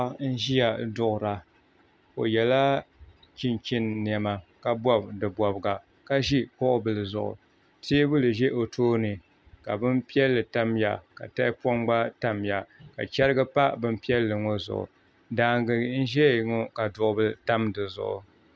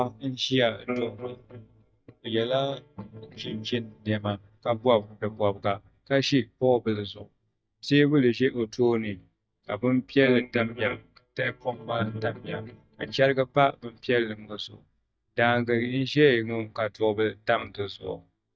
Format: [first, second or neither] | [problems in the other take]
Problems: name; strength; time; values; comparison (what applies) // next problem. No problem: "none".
first | noise reduction (neural mask model DeepFilterNet 3)